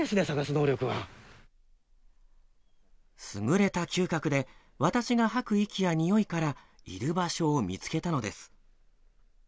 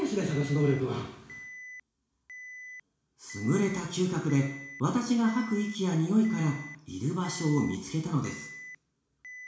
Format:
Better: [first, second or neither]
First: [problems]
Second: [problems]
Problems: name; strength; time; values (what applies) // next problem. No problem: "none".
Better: first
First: none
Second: background sound (Alarm); 17 dB below the speech // room echo; dies away in 0.7 s